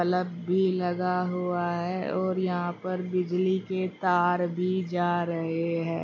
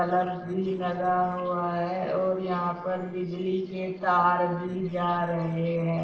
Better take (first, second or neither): first